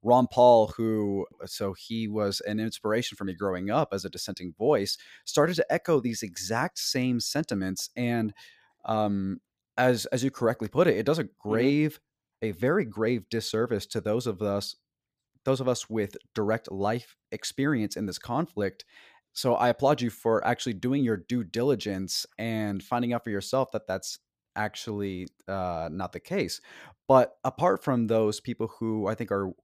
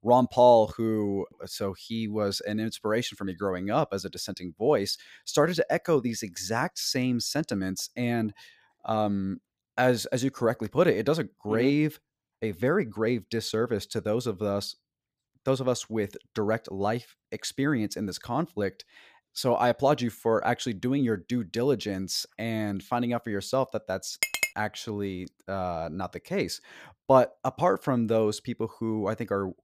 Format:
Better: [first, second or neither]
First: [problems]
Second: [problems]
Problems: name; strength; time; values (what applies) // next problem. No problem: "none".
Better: first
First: none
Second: clattering dishes; loud; at 24 s; peak 1 dB above the speech